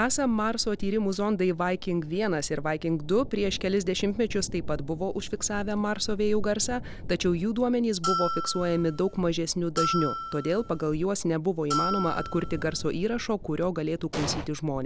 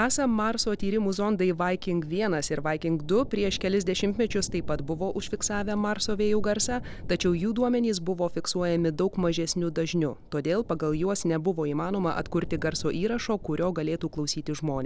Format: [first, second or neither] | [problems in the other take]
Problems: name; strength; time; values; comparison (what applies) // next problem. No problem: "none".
second | background sound (Explosion + Bell); 5 dB below the speech